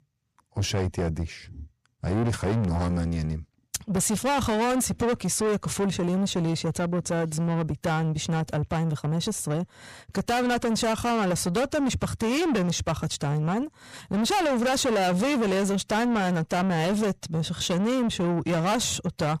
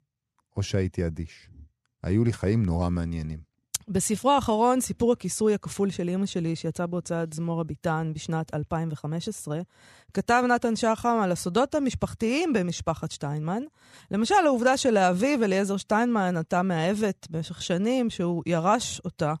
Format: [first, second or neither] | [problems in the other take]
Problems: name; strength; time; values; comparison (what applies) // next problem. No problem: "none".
second | distortion; heavy; 6 dB below the speech